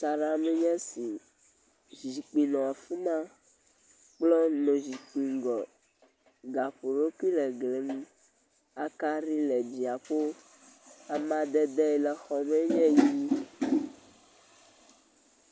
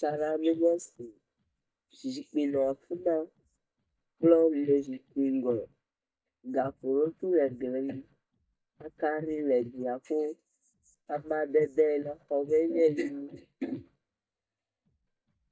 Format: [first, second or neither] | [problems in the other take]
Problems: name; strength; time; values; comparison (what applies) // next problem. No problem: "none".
first | noise reduction (neural mask model DeepFilterNet 3)